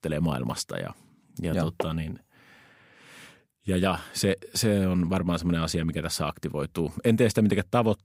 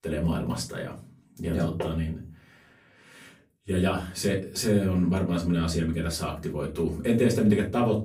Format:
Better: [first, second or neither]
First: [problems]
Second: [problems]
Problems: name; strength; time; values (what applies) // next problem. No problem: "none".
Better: first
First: none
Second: room echo; slight; dies away in 0.3 s // off-mic speech; far